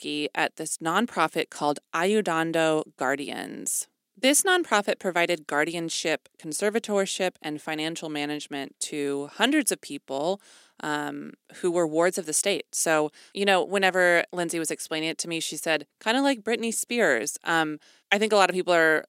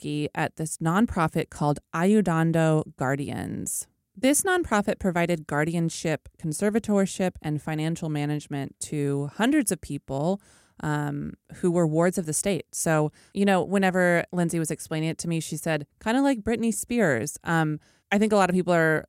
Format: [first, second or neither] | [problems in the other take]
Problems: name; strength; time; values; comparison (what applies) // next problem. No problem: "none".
second | thin; somewhat; fading below 300 Hz